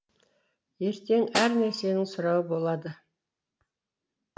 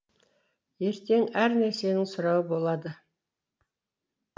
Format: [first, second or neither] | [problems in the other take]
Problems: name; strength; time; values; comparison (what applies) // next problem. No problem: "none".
second | background sound (Snare drum); 8 dB below the speech